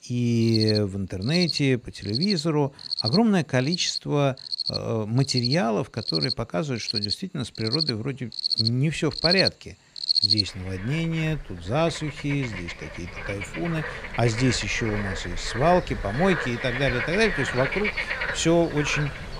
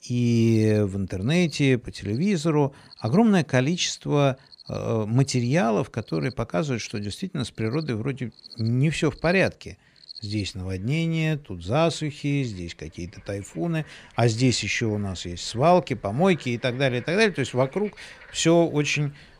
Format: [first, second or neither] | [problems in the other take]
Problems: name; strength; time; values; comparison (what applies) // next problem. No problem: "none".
second | animal sounds; loud; throughout; 2 dB below the speech; faint in the second